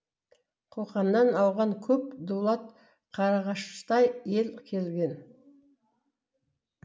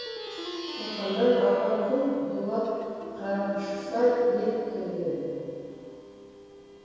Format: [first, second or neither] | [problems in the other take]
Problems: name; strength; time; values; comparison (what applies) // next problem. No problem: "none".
first | background sound (Plucked string instrument); 13 dB below the speech // room echo; dies away in 2.2 s